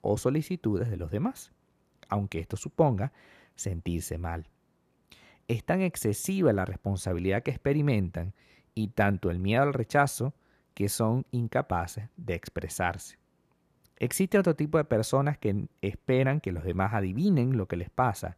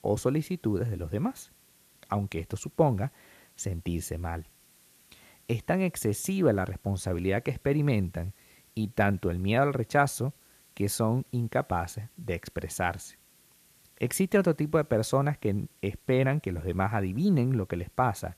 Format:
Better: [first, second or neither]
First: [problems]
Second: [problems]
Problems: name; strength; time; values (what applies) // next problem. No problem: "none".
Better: first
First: none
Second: hiss; faint; throughout; 30 dB below the speech